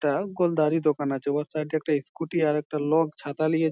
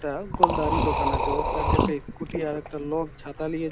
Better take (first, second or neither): first